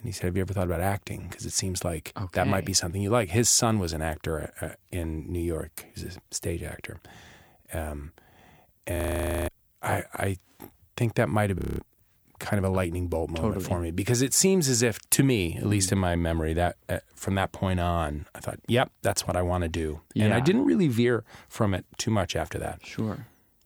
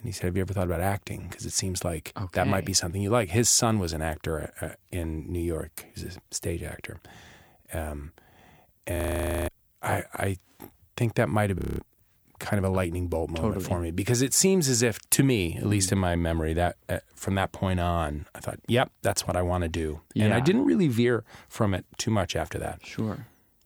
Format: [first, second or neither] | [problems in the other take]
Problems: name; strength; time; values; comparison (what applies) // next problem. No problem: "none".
neither | audio freezing; at 9 s for 0.5 s and at 12 s; the same in both